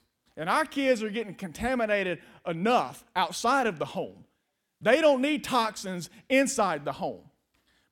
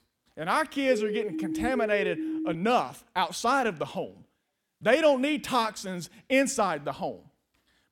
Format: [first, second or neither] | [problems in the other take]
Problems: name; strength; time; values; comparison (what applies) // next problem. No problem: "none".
first | siren; noticeable; from 1 to 2.5 s; peak 4 dB below the speech